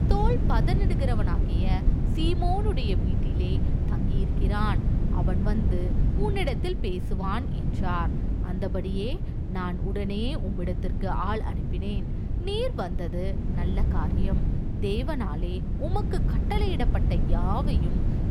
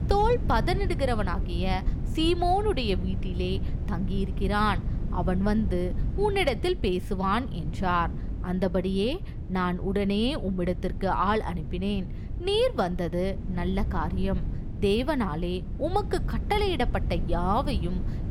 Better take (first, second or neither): second